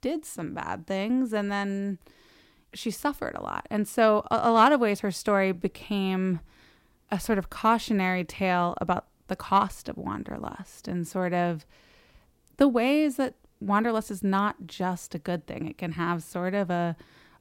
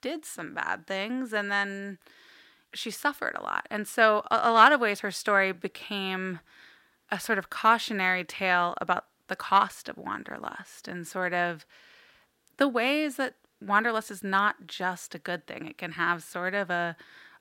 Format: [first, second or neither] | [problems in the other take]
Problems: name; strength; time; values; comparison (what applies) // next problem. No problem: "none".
first | thin; somewhat; fading below 450 Hz